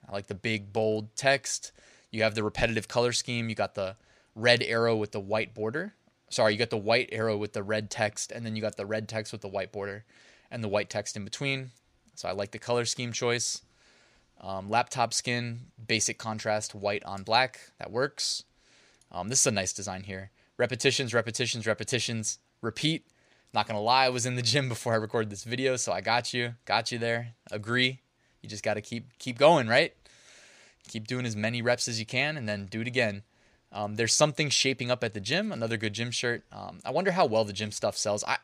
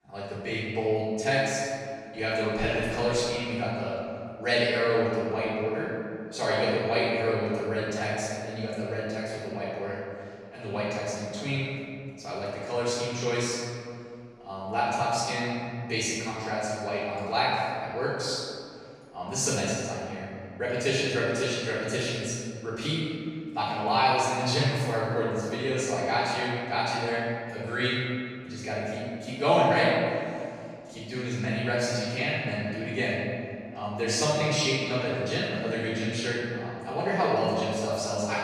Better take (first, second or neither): first